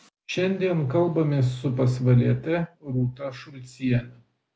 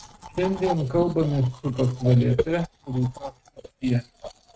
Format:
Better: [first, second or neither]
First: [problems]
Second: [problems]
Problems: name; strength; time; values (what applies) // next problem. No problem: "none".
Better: first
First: none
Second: noise reduction (neural mask model RNNoise)